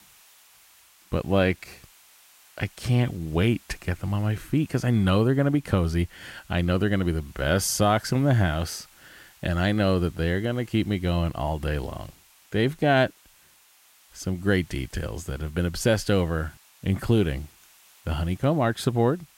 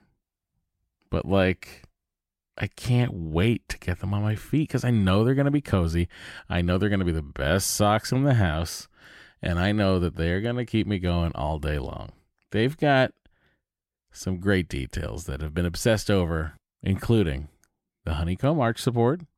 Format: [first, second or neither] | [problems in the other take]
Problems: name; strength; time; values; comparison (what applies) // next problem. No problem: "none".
second | hiss; faint; throughout; 30 dB below the speech